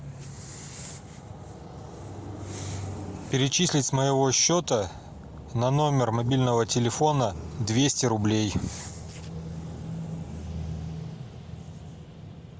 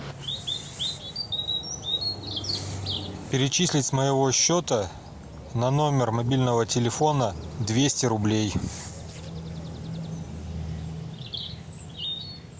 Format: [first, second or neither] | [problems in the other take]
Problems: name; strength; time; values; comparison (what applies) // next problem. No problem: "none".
first | background sound (Bird vocalization, bird call, bird song); 11 dB below the speech